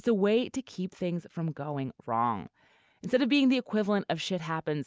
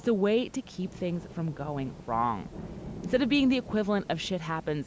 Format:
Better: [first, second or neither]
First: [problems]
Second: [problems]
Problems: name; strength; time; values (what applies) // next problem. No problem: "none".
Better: first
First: none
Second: background sound (Rain / Thunderstorm); 15 dB below the speech